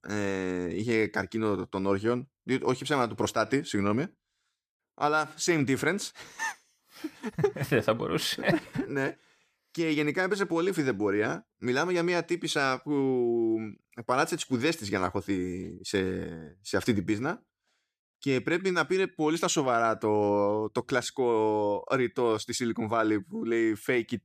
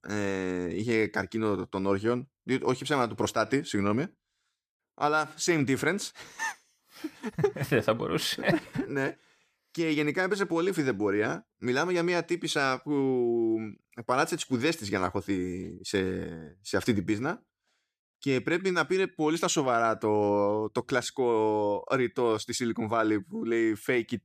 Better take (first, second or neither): neither